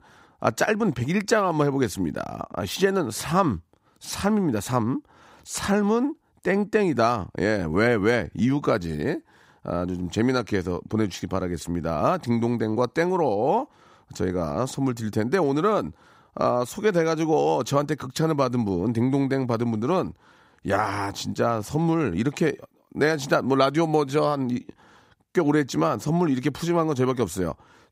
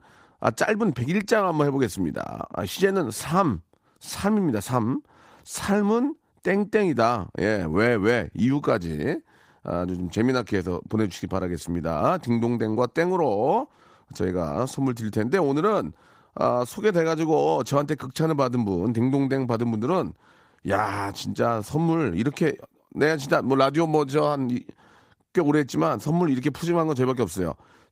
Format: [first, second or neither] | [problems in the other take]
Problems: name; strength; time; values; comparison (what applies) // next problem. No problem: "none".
first | garbled, watery; slightly; nothing above 15.5 kHz